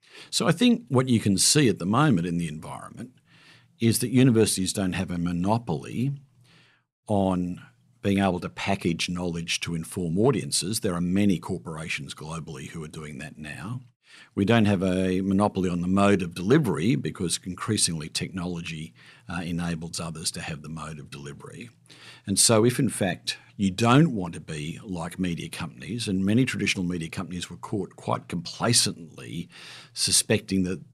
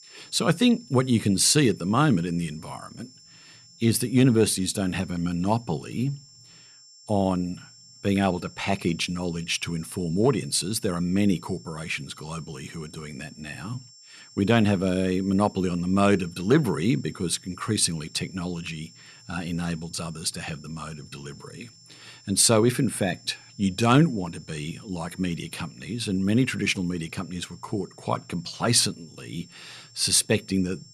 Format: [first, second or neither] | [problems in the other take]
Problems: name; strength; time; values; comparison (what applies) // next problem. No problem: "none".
first | high-pitched whine; faint; throughout; 5.5 kHz, 25 dB below the speech